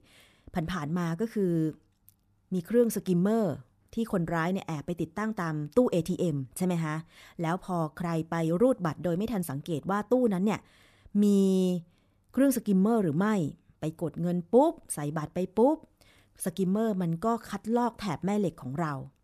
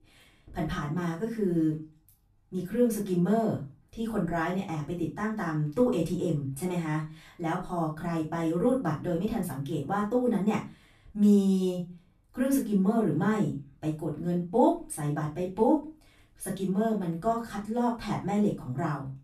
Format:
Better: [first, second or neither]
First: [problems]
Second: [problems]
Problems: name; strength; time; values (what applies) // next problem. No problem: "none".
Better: first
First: none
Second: off-mic speech; far // room echo; slight; dies away in 0.3 s